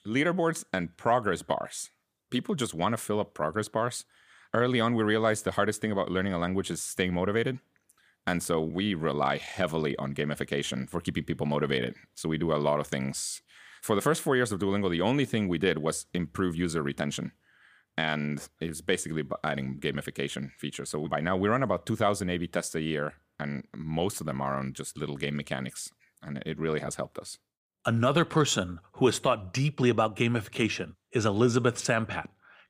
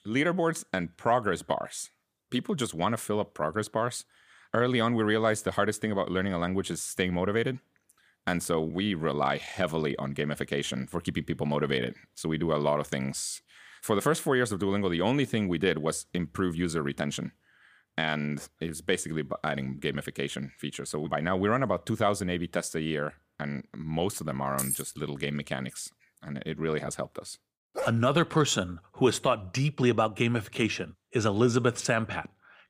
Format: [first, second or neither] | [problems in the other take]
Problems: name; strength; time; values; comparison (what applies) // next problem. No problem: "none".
first | jangling keys; noticeable; at 25 s; peak 1 dB below the speech // dog barking; noticeable; at 28 s; peak 6 dB below the speech